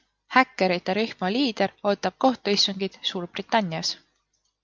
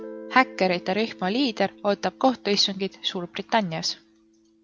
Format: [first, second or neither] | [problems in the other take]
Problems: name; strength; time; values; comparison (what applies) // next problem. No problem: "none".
first | background sound (Guitar); 19 dB below the speech